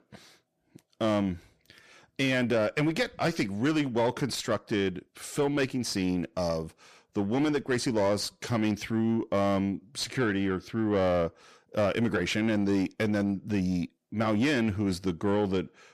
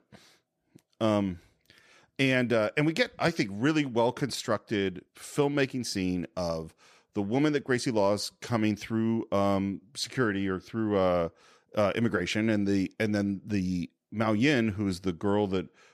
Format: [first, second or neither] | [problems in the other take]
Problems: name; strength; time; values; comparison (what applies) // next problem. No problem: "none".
second | distortion; slight; 10 dB below the speech